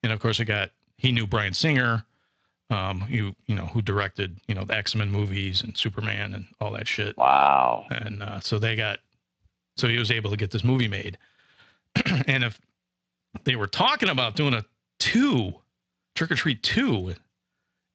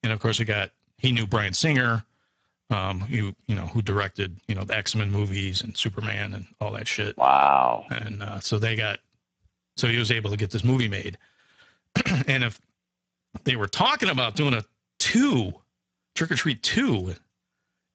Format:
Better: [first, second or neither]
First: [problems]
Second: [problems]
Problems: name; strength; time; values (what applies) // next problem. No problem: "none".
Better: first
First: garbled, watery; slightly; nothing above 8 kHz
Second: garbled, watery; badly; nothing above 8 kHz